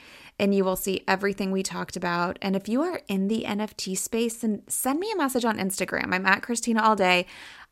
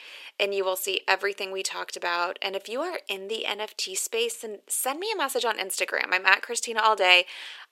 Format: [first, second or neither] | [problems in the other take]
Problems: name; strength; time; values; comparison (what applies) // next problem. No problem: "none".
first | thin; very; fading below 450 Hz